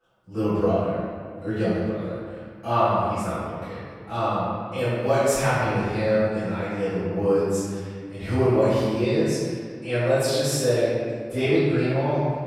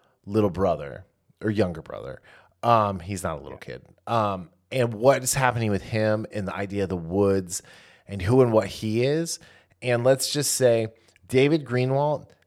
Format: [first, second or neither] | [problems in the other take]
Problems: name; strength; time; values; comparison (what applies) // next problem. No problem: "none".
second | off-mic speech; far // room echo; strong; dies away in 1.9 s